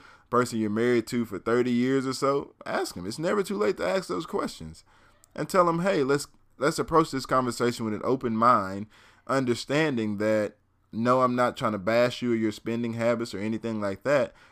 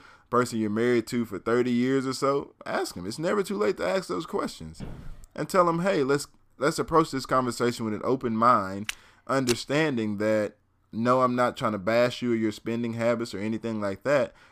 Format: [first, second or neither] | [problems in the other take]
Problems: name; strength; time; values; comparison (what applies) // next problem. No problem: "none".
first | footsteps; faint; at 5 s; peak 15 dB below the speech // footsteps; noticeable; at 9 s; peak 7 dB below the speech